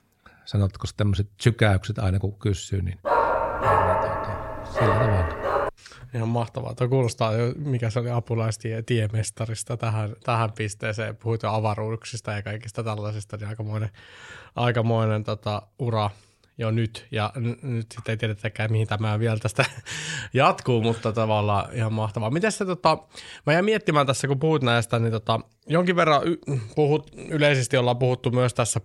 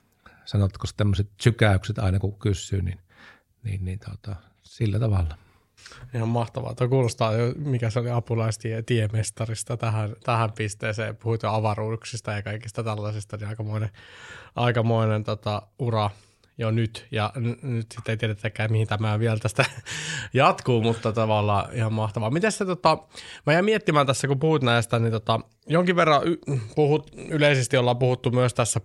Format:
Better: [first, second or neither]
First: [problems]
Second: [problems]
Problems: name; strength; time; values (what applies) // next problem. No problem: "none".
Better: second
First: dog barking; loud; from 3 to 5.5 s; peak 4 dB above the speech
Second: none